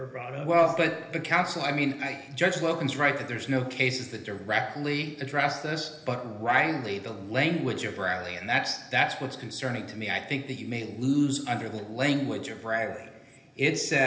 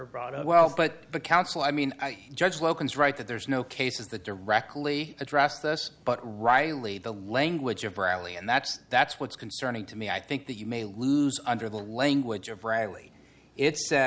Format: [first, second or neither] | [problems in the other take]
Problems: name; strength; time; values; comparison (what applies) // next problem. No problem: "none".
second | room echo; dies away in 1.4 s